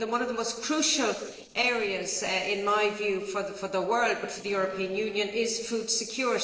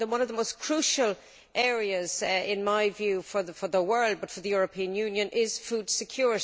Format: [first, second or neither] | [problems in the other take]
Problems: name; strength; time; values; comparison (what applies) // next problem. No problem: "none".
second | noise reduction (neural separator model SepFormer DNS4)